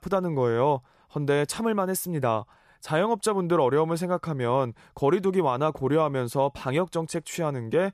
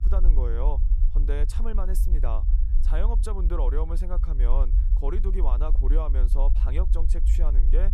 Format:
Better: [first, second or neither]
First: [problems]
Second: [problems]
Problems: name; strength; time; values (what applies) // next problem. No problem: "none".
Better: first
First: none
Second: low rumble; loud; throughout; 10 dB below the speech